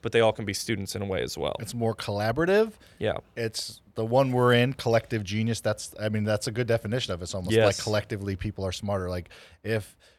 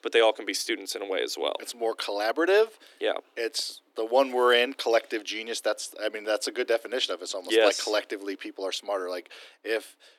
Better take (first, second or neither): first